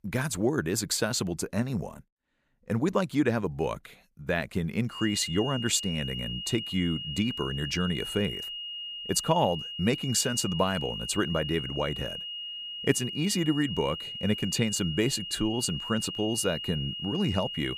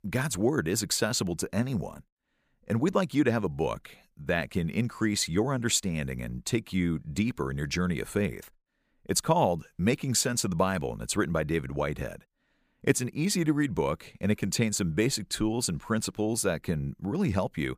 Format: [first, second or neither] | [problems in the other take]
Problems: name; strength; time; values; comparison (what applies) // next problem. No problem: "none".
second | high-pitched whine; loud; from 5 s on; 3 kHz, 6 dB below the speech